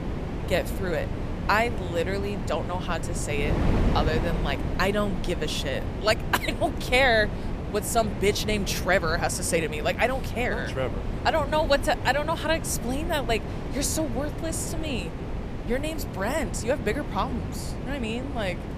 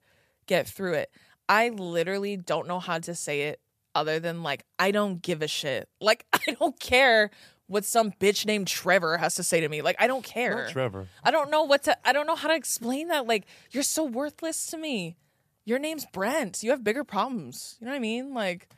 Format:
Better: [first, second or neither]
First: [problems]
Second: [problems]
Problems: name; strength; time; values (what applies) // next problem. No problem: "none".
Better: second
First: wind noise on the microphone; occasional gusts; 10 dB below the speech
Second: none